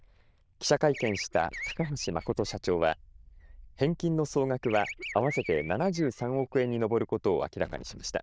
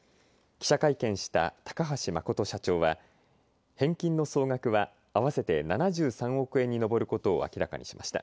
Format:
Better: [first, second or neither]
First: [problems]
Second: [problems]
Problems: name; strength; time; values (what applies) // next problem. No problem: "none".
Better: second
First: noise reduction (neural diffusion model UNIVERSE++)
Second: none